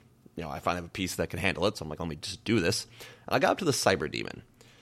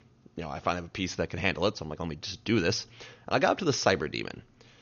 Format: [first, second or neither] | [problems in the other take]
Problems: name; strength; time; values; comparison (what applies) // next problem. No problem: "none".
first | garbled, watery; slightly; nothing above 6.5 kHz